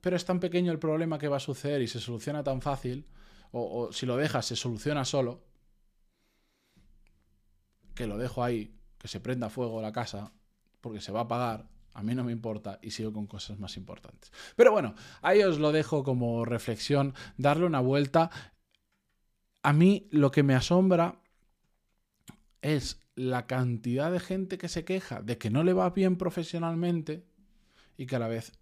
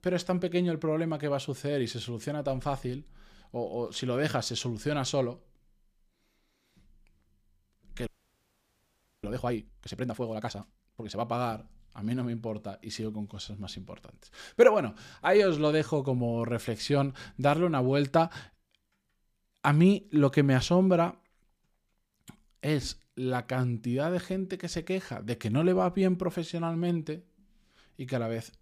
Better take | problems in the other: first | audio freezing; at 8 s for 1 s

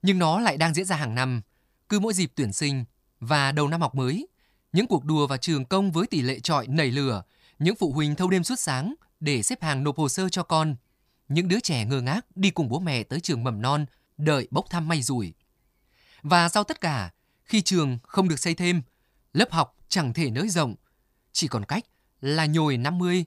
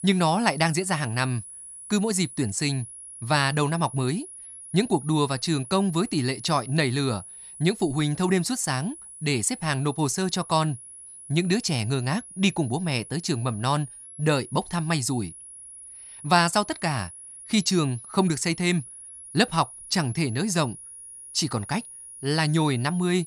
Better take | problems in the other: first | high-pitched whine; noticeable; throughout; 10.5 kHz, 15 dB below the speech

